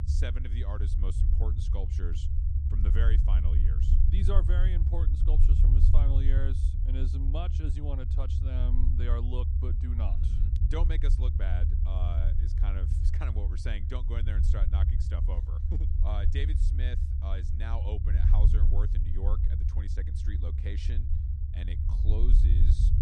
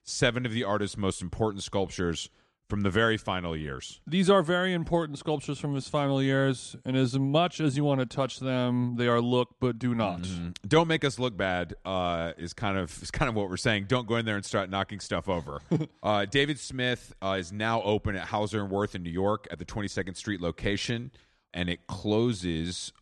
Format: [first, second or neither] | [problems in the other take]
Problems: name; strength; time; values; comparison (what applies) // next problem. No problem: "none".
second | low rumble; loud; throughout; 2 dB below the speech